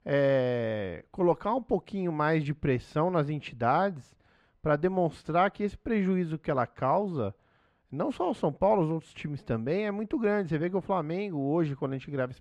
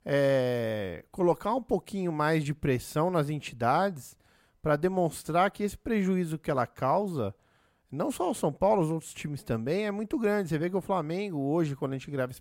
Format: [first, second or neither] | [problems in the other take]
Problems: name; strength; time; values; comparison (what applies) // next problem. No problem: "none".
second | muffled; slightly; fading above 3.5 kHz